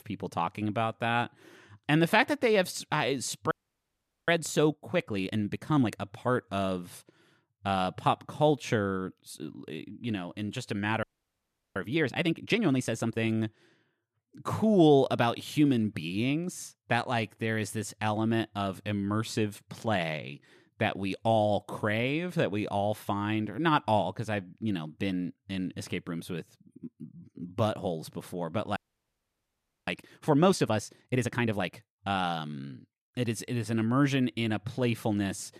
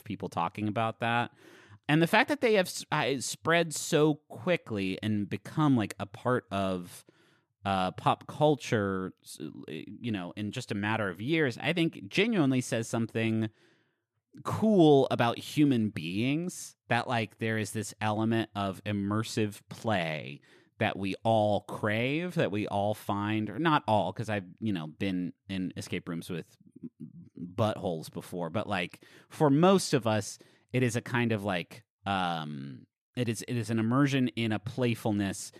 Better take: second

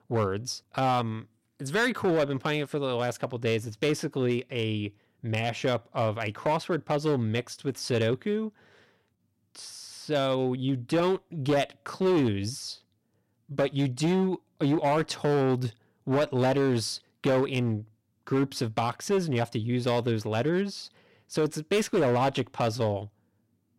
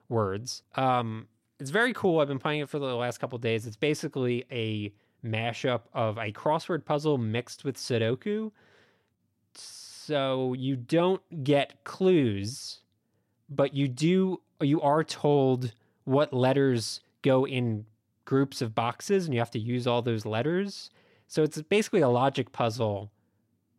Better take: second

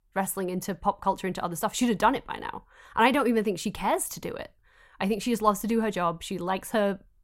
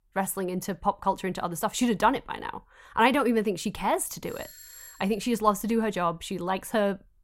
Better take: first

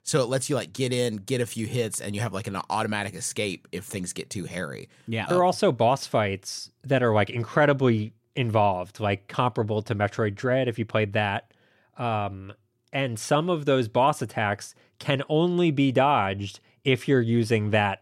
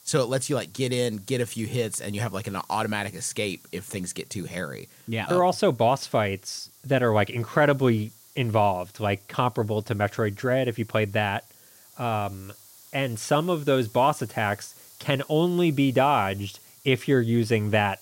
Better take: first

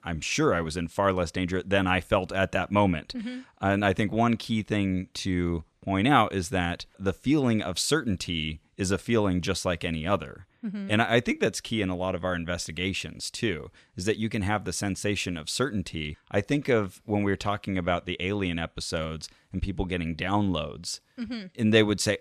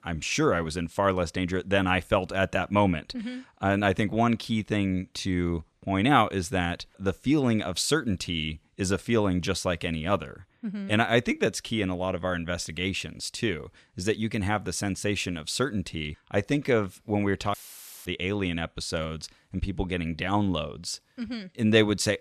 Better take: first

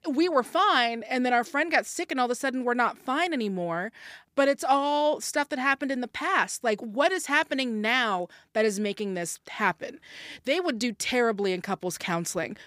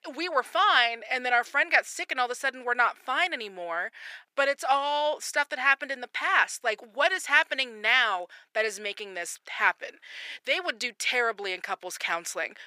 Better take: first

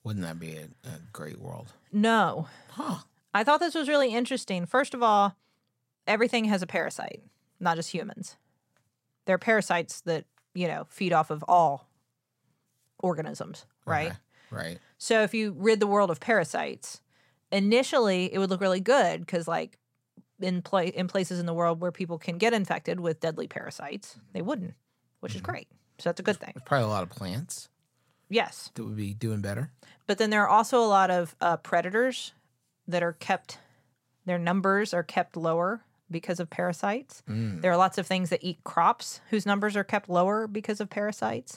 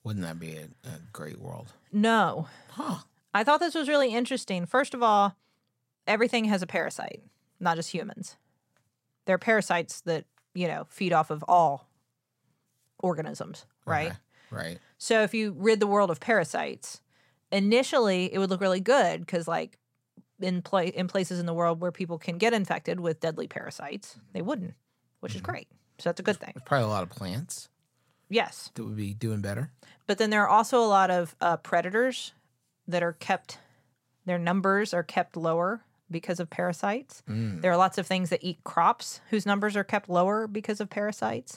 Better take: neither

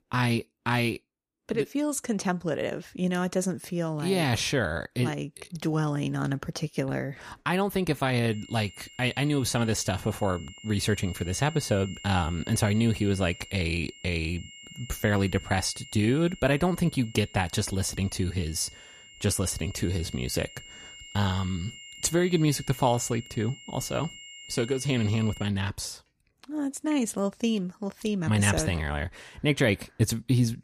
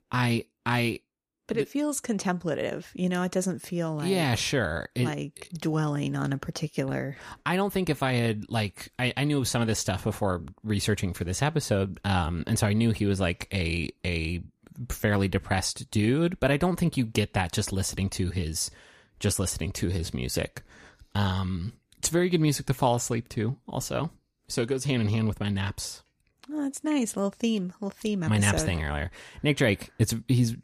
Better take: second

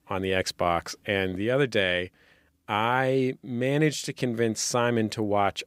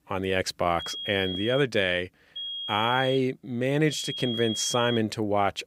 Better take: first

